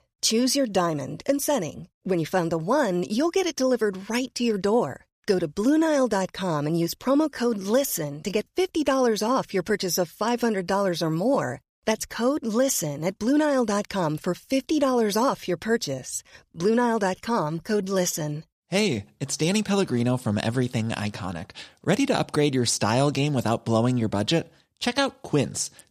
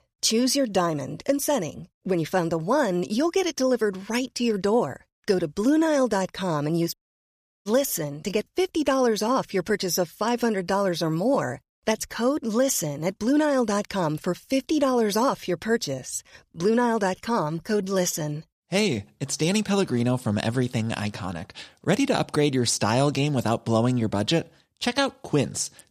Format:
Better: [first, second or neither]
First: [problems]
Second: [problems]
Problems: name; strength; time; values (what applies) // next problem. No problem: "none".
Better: first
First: none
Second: audio cutting out; at 7 s for 0.5 s